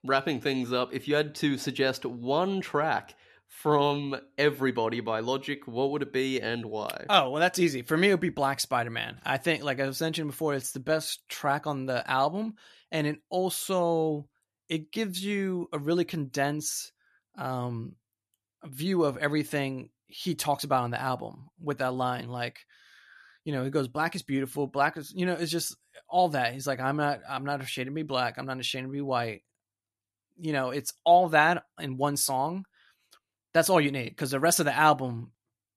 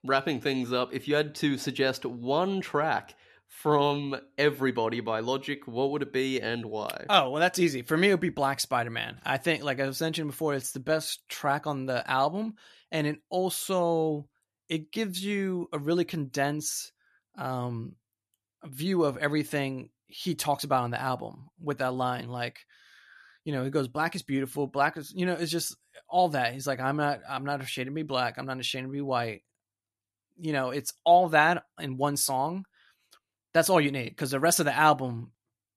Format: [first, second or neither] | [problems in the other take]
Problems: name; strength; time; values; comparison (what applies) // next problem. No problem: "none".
neither | none